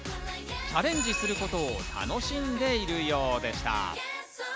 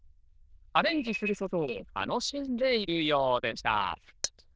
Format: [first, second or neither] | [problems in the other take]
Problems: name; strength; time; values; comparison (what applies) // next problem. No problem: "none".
first | noise reduction (neural diffusion model UNIVERSE++)